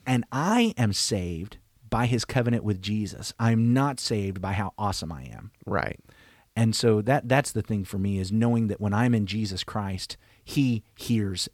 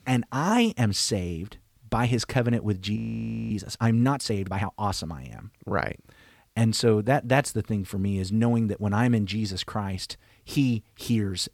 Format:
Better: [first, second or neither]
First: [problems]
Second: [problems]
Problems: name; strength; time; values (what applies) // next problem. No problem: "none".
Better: first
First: none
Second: audio freezing; at 3 s for 0.5 s